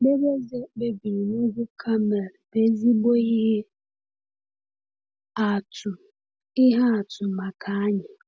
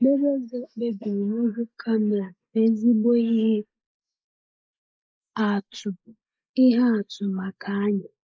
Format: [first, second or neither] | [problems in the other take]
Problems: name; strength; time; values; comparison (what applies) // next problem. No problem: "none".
first | noise reduction (neural mask model Resemble Enhance denoiser)